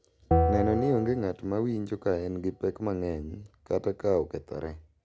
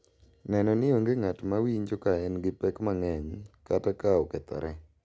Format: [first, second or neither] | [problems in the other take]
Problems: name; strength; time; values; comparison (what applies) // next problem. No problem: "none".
second | background sound (Bell); 1 dB below the speech